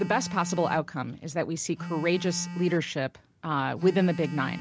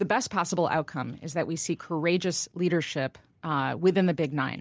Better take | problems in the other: second | background sound (Telephone); 11 dB below the speech

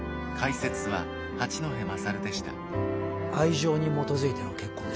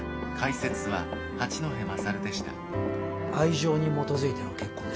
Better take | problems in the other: first | background sound (Run); 15 dB below the speech // room echo; dies away in 1.1 s

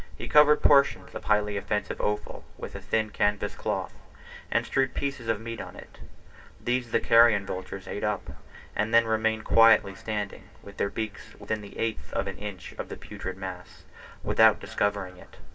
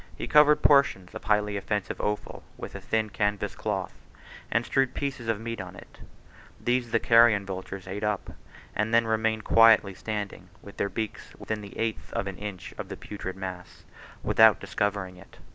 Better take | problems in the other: second | room echo; dies away in 0.1 s

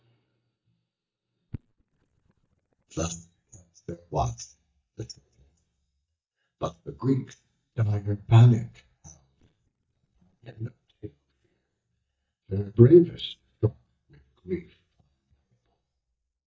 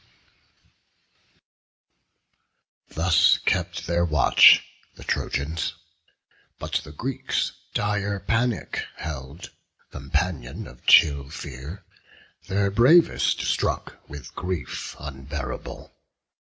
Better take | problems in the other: second | noise reduction (neural mask model DeepFilterNet 3)

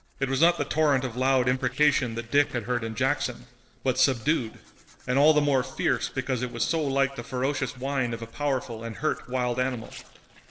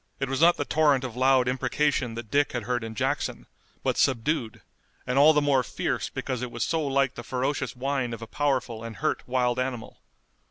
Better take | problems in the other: second | noise reduction (neural separator model SepFormer DNS4)

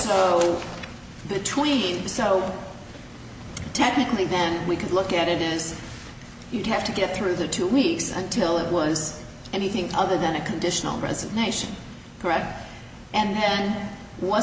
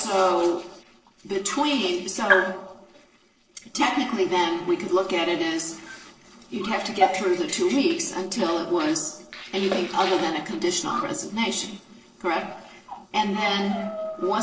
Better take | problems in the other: first | noise reduction (neural separator model SepFormer DNS4)

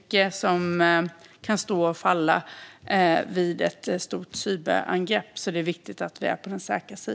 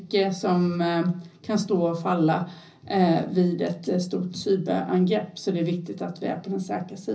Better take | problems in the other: first | room echo; dies away in 0.5 s

